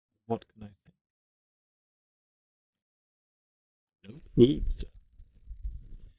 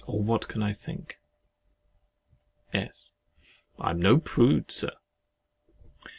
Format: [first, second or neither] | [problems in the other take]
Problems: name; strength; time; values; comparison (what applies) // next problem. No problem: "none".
second | noise reduction (neural mask model DeepFilterNet 3)